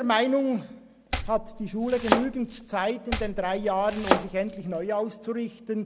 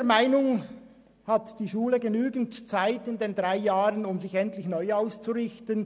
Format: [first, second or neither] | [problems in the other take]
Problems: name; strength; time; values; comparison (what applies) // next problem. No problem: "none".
second | background sound (Domestic sounds, home sounds); 3 dB below the speech